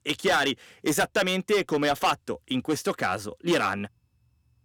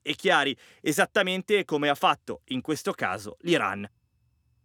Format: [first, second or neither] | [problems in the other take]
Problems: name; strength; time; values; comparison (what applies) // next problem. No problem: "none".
second | distortion; heavy; 6% of the sound clipped